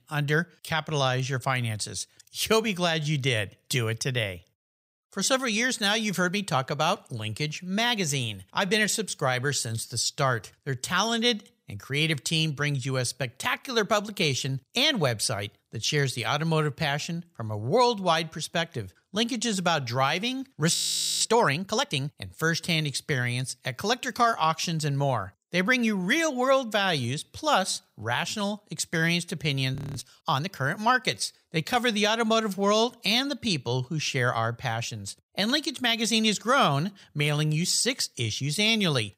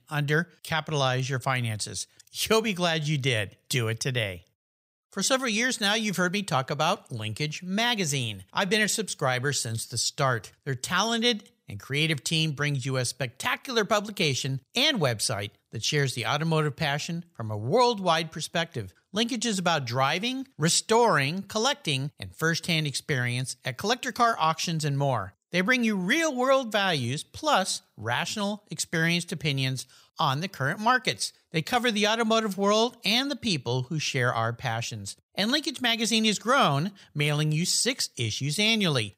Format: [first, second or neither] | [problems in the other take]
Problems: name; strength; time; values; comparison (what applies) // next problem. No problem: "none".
second | audio freezing; at 21 s and at 30 s